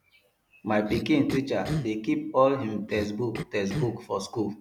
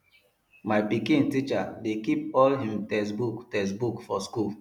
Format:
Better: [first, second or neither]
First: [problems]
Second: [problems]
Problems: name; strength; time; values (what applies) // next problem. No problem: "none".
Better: second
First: background sound (Cough); 9 dB below the speech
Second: none